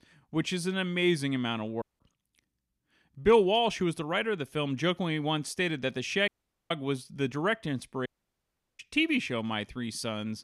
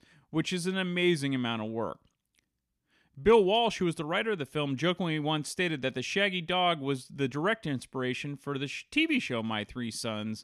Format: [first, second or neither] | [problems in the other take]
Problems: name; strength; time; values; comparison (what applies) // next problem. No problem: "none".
second | audio cutting out; at 2 s, at 6.5 s and at 8 s for 0.5 s